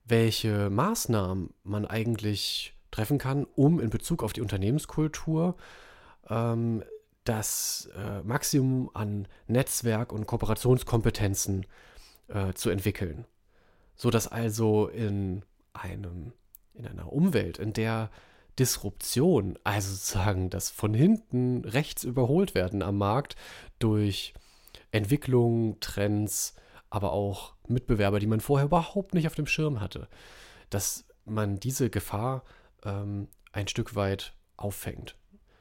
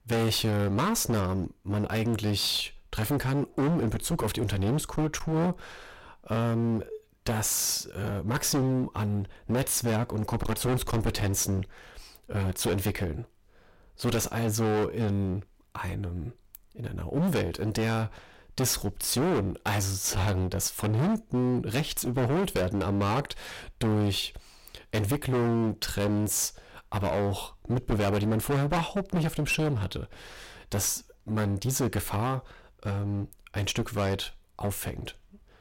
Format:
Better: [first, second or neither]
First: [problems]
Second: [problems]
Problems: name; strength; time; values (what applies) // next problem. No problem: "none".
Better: first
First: none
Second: distortion; heavy; 18% of the sound clipped